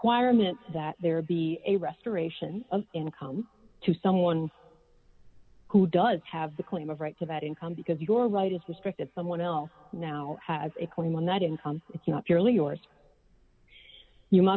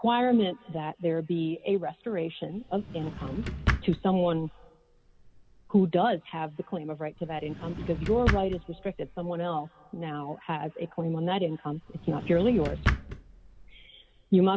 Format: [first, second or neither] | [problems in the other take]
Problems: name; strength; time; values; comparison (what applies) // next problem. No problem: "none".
first | background sound (Drawer open or close); 5 dB below the speech